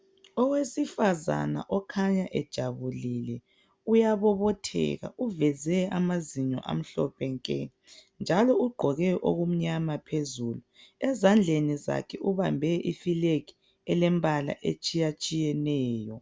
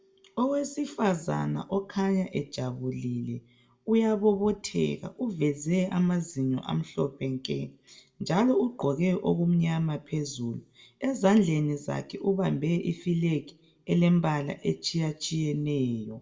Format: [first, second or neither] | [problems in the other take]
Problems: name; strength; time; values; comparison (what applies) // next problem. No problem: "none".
first | room echo; dies away in 0.4 s